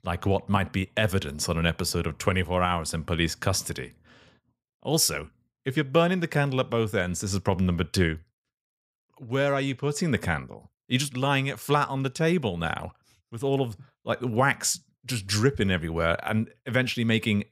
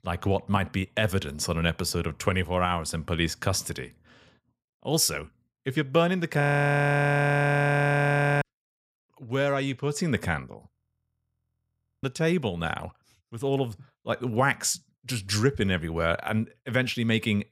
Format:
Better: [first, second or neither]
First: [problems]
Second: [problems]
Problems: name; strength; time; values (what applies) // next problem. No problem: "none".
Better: first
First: none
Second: audio freezing; at 6.5 s for 2 s and at 11 s for 1.5 s